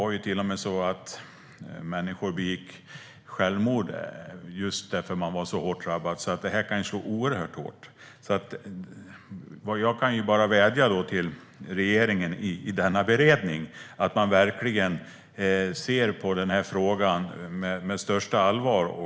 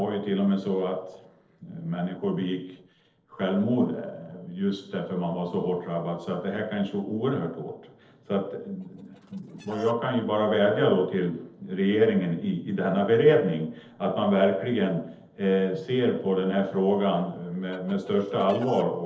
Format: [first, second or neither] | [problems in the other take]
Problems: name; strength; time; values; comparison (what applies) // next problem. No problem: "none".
first | noise reduction (neural separator model SepFormer DNS4)